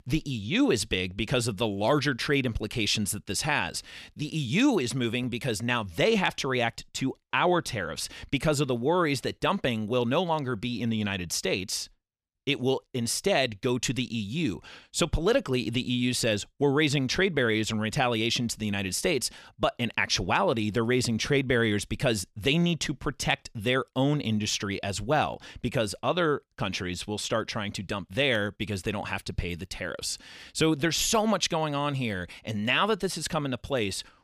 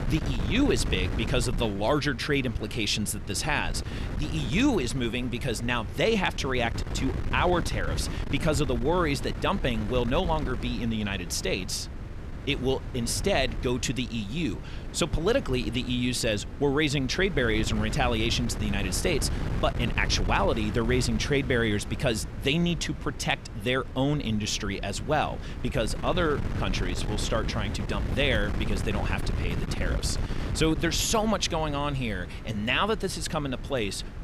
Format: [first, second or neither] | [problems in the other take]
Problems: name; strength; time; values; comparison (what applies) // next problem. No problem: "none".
first | wind noise on the microphone; occasional gusts; 15 dB below the speech